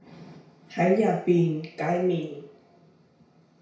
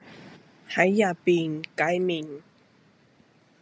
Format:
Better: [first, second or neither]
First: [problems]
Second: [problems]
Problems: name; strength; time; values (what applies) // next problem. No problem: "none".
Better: second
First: room echo; dies away in 0.6 s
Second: none